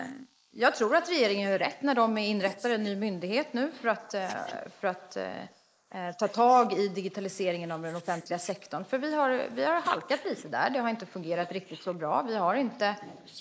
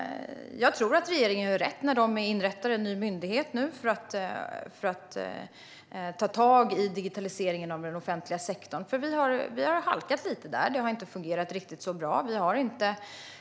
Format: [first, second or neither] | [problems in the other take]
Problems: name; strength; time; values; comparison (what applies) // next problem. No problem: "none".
second | noise reduction (neural mask model Resemble Enhance denoiser)